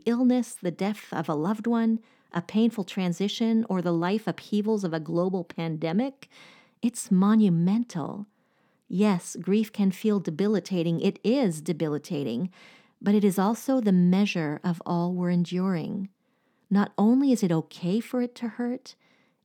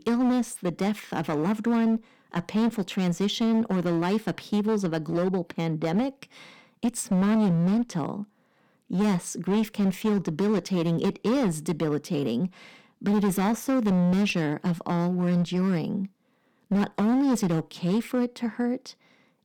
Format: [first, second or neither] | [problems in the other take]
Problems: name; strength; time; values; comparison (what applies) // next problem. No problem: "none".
first | distortion; slight; 16% of the sound clipped